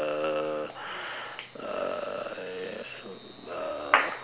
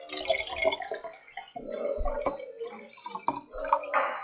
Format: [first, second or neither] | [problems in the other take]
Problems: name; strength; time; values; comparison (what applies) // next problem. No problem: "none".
first | noise reduction (classical method WPE with log-MMSE)